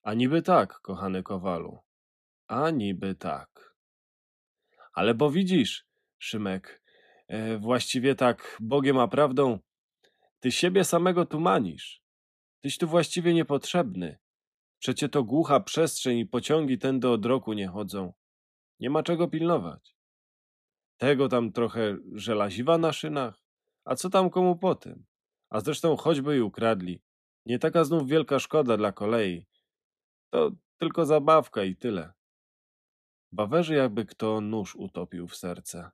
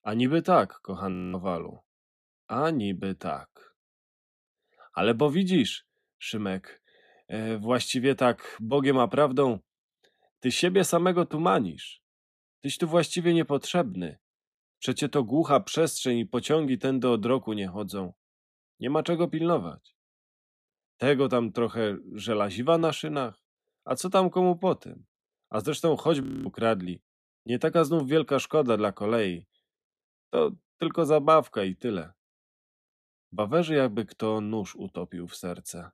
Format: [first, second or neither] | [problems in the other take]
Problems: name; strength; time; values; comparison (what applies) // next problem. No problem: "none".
first | audio freezing; at 1 s and at 26 s